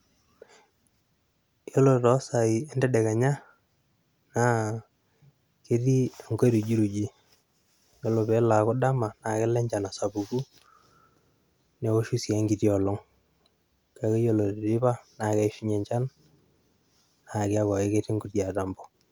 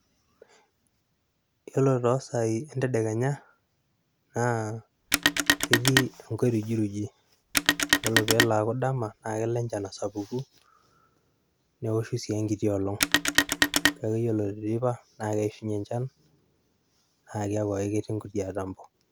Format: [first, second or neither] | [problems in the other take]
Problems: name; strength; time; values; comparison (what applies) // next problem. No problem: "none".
first | background sound (Telephone); 3 dB above the speech